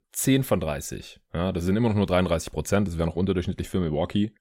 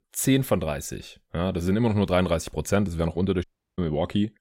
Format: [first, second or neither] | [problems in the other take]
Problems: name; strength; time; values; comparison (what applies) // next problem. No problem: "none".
first | audio cutting out; at 3.5 s